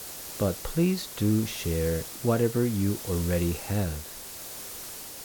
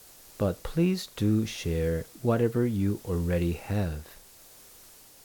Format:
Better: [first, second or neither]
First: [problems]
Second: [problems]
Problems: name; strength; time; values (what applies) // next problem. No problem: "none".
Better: second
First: hiss; loud; throughout; 9 dB below the speech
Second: hiss; faint; throughout; 20 dB below the speech